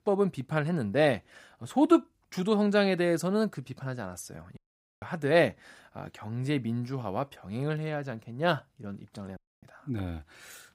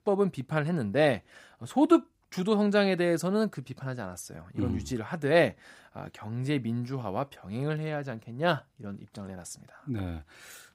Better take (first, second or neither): second